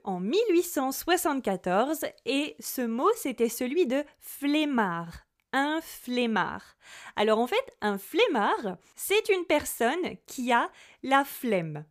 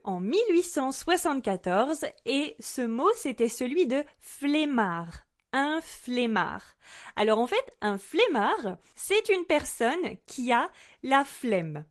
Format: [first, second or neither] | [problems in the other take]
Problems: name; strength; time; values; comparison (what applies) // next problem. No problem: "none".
first | garbled, watery; slightly